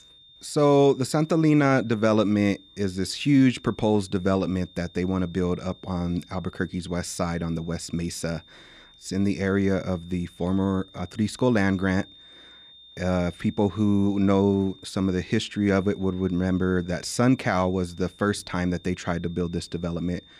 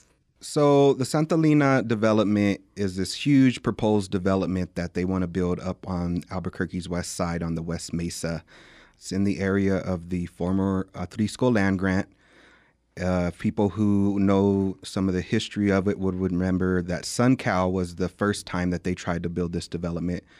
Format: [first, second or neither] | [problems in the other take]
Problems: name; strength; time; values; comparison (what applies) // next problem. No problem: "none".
second | high-pitched whine; faint; throughout; 3.5 kHz, 25 dB below the speech